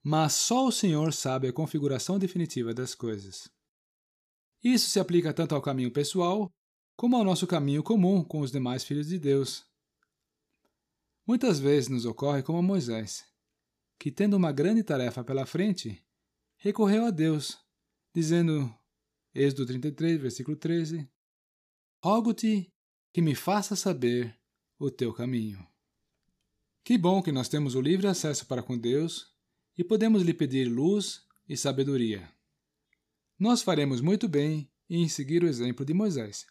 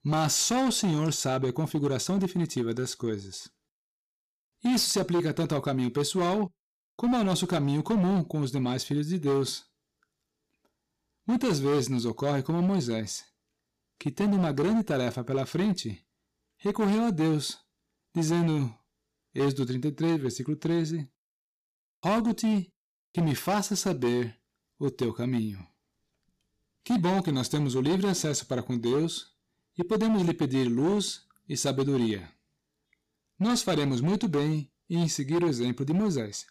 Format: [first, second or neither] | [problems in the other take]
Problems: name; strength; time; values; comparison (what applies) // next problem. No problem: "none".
first | distortion; slight; 11% of the sound clipped